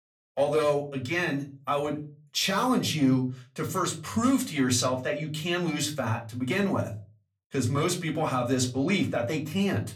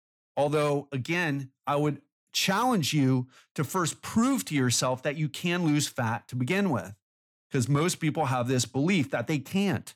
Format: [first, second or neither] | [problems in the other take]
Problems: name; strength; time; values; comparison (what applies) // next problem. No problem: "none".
second | off-mic speech; somewhat distant // room echo; very slight; dies away in 0.3 s